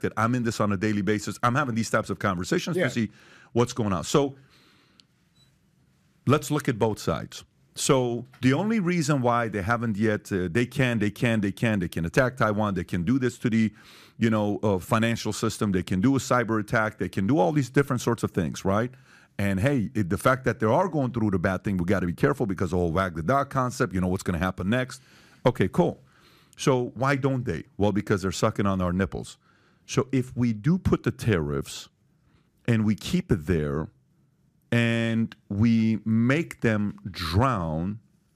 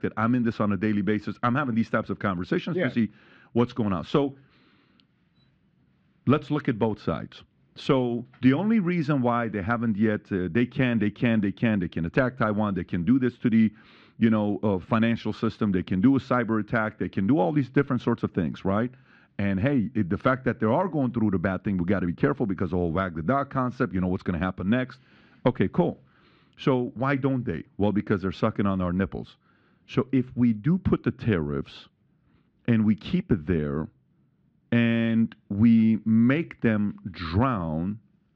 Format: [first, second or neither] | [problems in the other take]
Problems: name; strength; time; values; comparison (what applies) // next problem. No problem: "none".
first | muffled; slightly; fading above 3.5 kHz